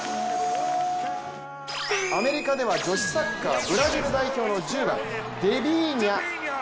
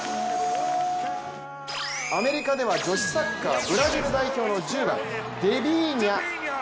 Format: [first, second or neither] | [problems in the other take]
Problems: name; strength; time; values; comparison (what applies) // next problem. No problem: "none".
second | background sound (Gong); 13 dB below the speech